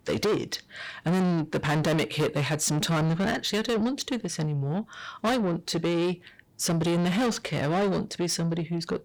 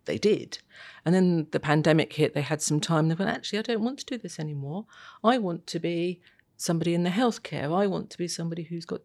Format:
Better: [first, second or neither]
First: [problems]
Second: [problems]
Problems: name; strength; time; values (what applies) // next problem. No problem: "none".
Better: second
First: distortion; heavy; 6 dB below the speech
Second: none